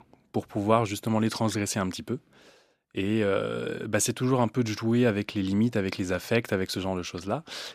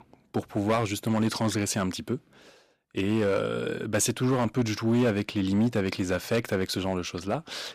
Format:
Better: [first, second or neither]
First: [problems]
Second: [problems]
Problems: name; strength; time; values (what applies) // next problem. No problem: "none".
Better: first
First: none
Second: distortion; slight; 5% of the sound clipped